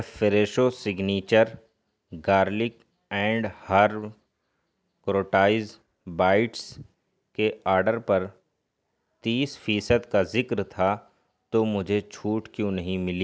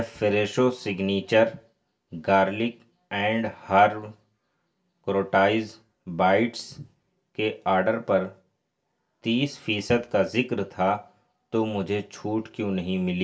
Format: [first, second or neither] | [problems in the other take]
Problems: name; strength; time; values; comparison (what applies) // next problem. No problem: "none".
first | room echo; dies away in 0.2 s